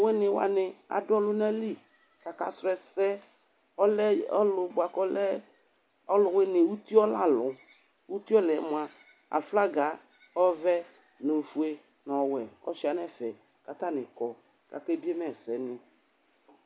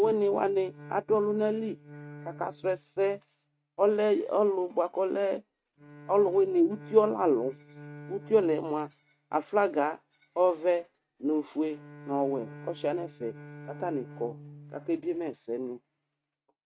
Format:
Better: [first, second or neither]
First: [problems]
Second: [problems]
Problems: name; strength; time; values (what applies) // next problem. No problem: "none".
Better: first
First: none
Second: noise reduction (neural mask model RNNoise)